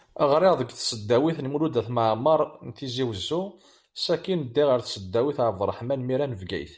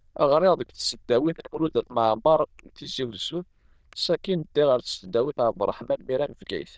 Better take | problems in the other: first | noise reduction (neural diffusion model UNIVERSE++)

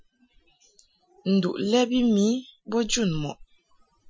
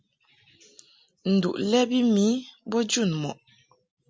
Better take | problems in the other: second | noise reduction (classical method Wiener filter)

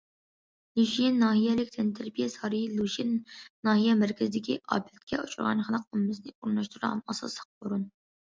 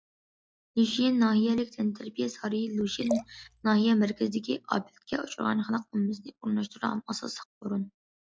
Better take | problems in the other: first | noise reduction (classical method log-MMSE)

